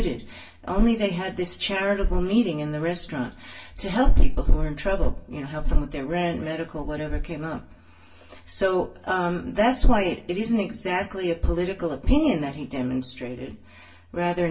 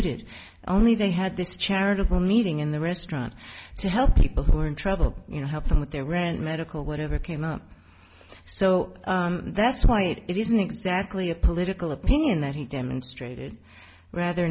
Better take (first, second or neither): second